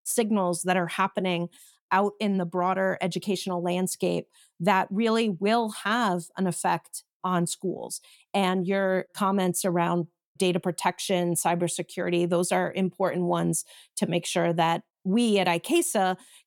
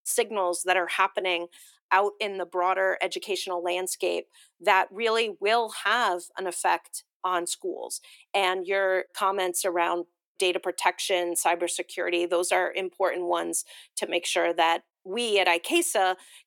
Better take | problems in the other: first | thin; very; fading below 350 Hz

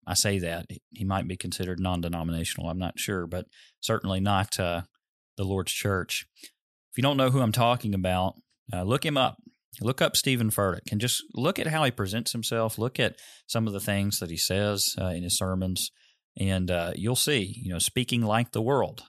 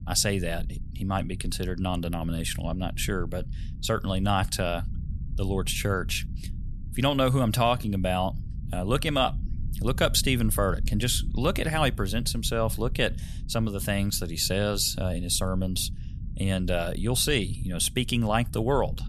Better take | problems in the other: first | low rumble; faint; throughout; 20 dB below the speech

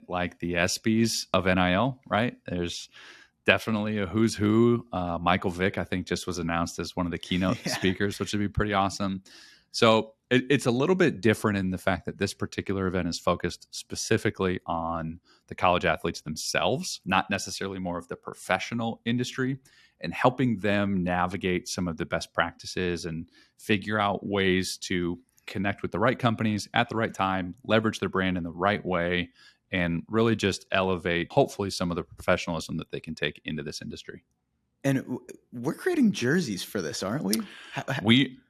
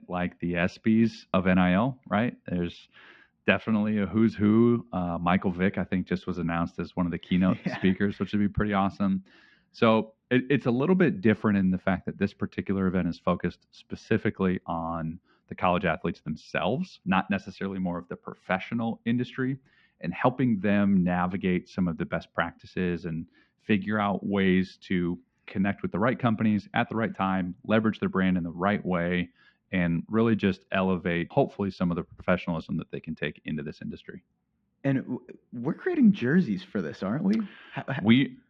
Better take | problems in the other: first | muffled; very; fading above 3 kHz

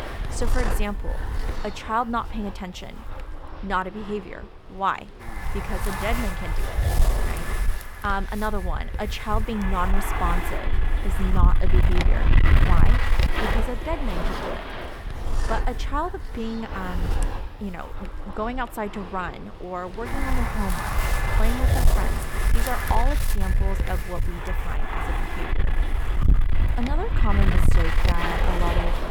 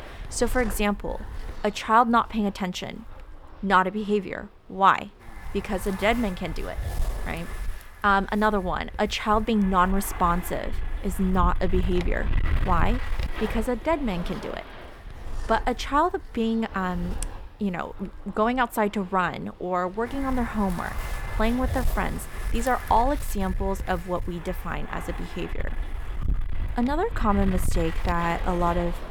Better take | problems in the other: second | wind noise on the microphone; heavy; 2 dB below the speech; occasional gusts in the second

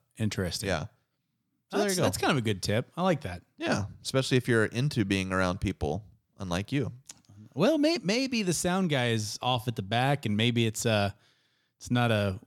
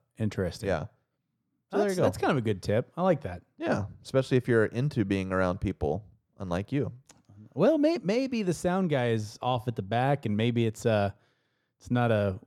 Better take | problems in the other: first | muffled; slightly; fading above 2 kHz

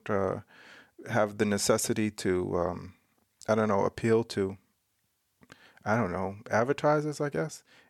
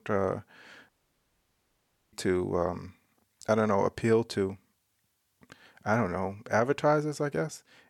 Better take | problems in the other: first | audio cutting out; at 1 s for 1 s

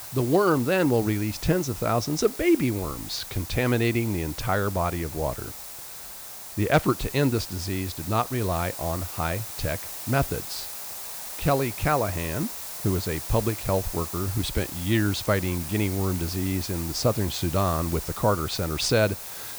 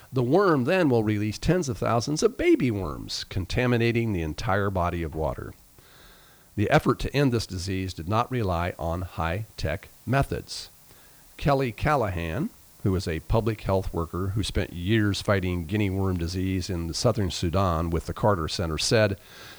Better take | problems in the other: second | hiss; loud; throughout; 8 dB below the speech; faint in the second

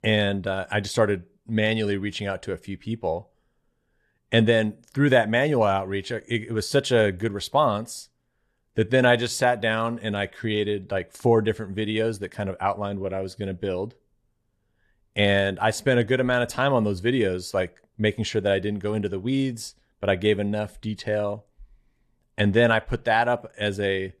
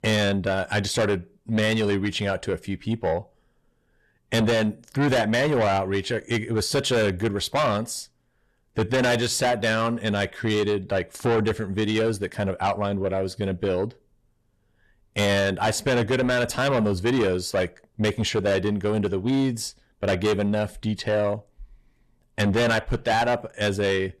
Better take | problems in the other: first | distortion; heavy; 7 dB below the speech

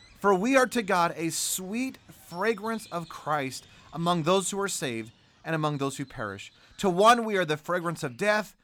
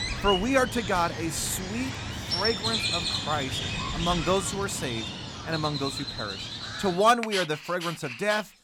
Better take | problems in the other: first | animal sounds; loud; throughout; 3 dB below the speech; faint in the first

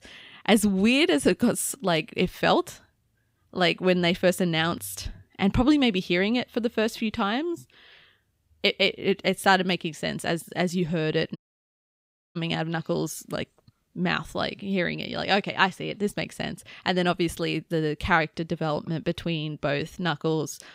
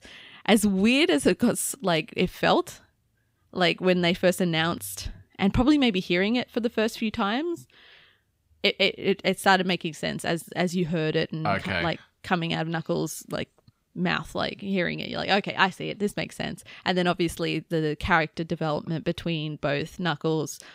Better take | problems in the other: second | audio cutting out; at 11 s for 1 s

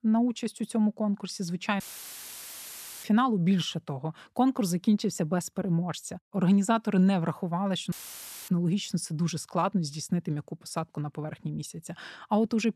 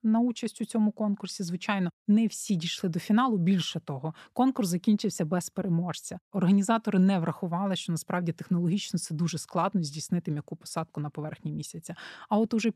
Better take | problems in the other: second | audio cutting out; filled with static; at 2 s for 1 s and at 8 s for 0.5 s

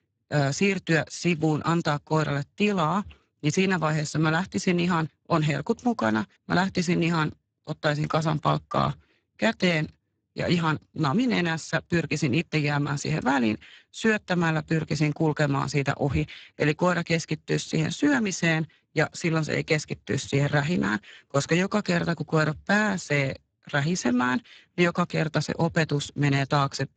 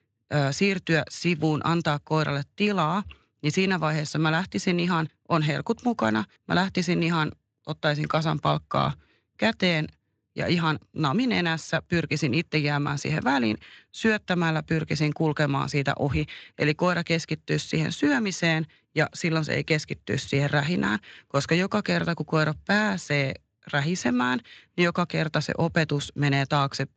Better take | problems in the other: second | garbled, watery; badly; nothing above 7.5 kHz; slightly in the second

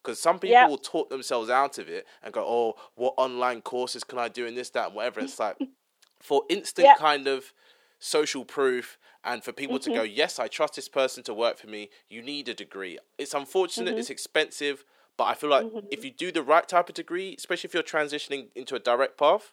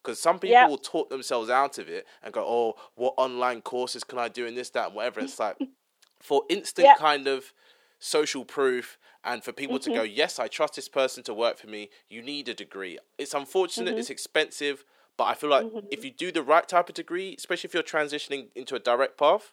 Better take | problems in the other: neither | thin; somewhat; fading below 400 Hz; the same in both

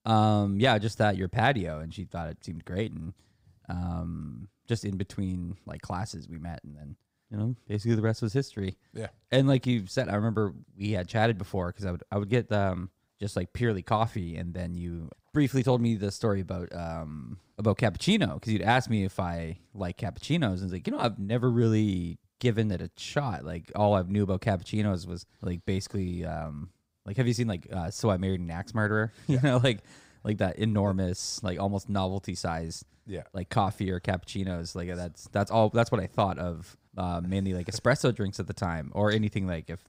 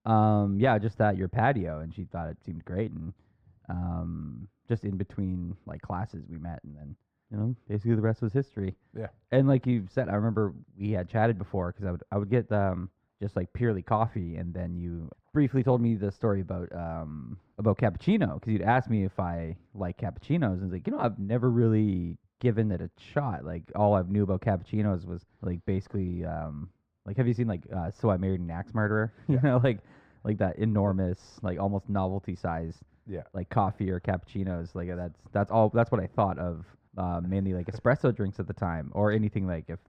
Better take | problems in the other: first | muffled; very; fading above 3.5 kHz

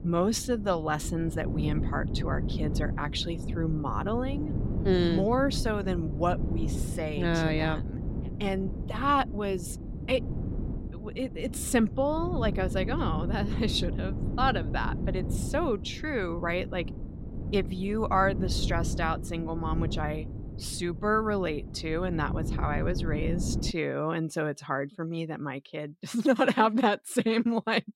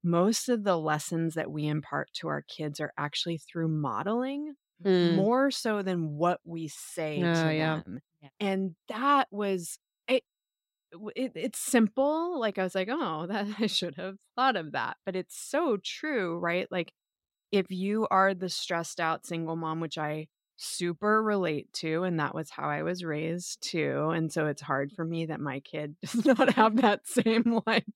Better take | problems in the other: second | wind noise on the microphone; occasional gusts; until 24 s; 15 dB below the speech

